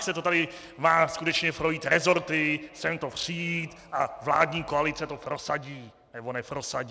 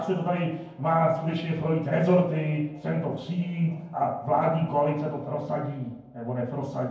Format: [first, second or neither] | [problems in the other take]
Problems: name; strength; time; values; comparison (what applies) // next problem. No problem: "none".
first | room echo; dies away in 0.9 s